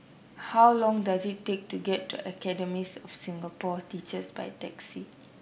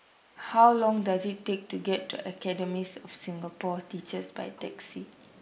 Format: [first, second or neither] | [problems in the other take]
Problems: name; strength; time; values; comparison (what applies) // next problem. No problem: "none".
first | noise reduction (neural mask model Resemble Enhance denoiser)